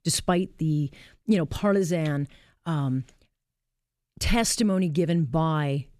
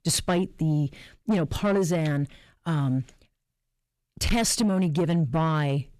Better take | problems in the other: first | distortion; slight; 10 dB below the speech

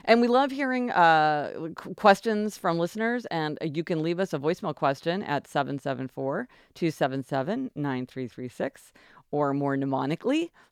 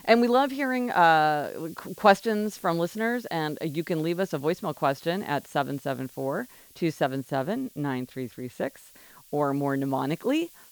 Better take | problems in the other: first | hiss; faint; throughout; 20 dB below the speech

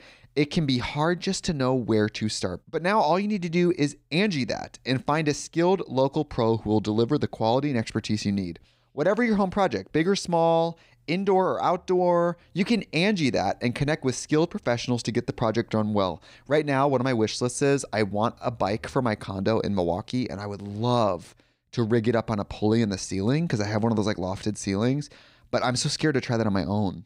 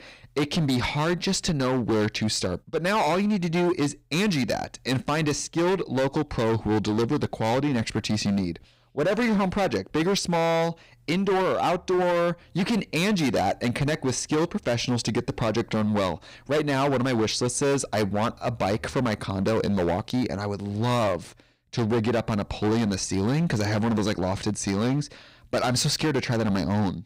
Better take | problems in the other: first | distortion; heavy; 18% of the sound clipped

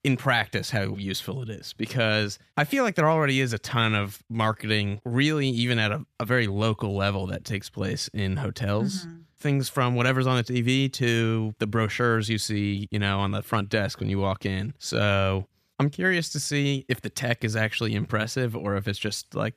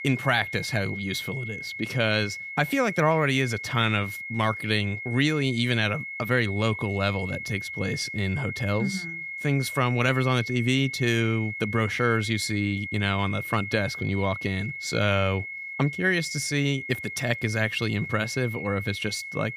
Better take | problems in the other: first | high-pitched whine; loud; throughout; 2 kHz, 7 dB below the speech

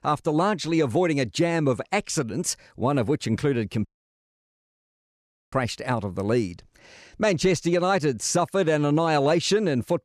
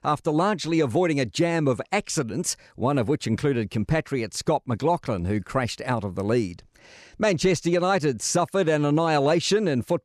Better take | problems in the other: second | audio cutting out; at 4 s for 1.5 s

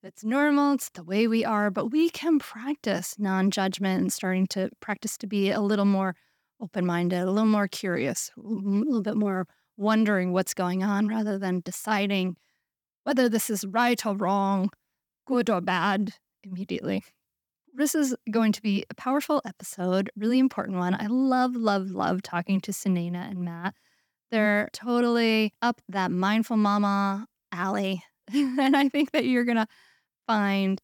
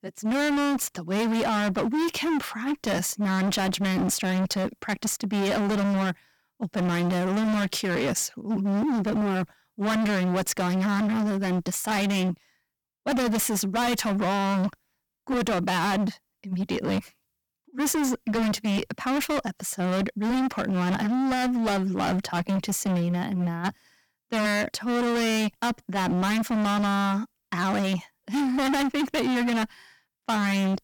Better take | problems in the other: first | distortion; heavy; 35% of the sound clipped

